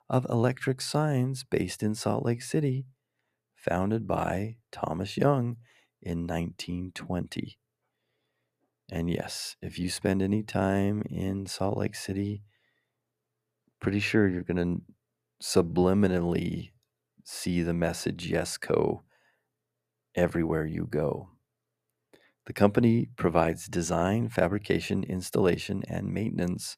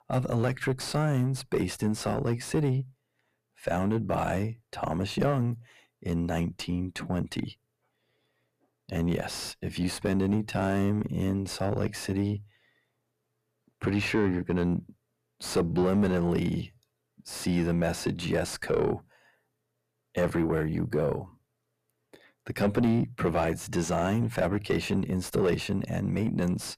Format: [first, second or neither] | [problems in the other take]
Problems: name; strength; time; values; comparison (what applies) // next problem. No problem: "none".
first | distortion; heavy; 7 dB below the speech